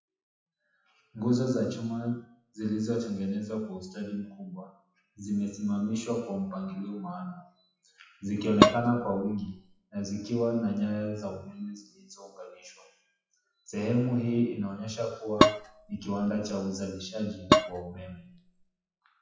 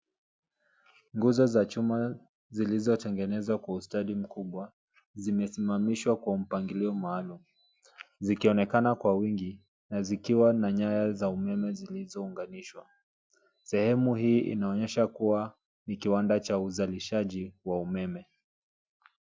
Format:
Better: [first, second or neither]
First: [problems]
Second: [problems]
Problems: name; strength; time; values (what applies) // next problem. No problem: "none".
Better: second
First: noise reduction (classical method WPE with log-MMSE)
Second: none